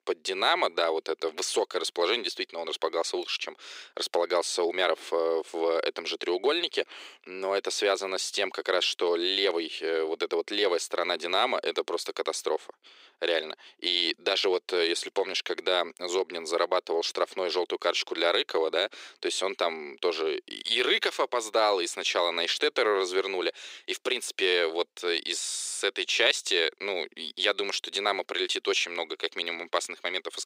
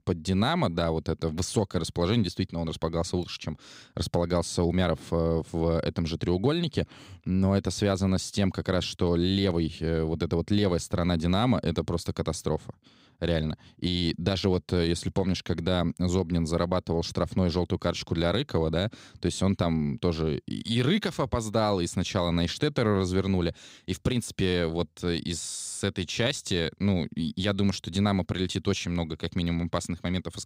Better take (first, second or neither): second